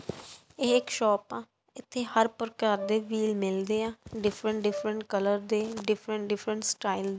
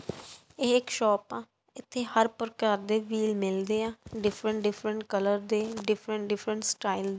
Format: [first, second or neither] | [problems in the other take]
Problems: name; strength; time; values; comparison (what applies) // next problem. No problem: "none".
second | background sound (Brass instrument); 15 dB below the speech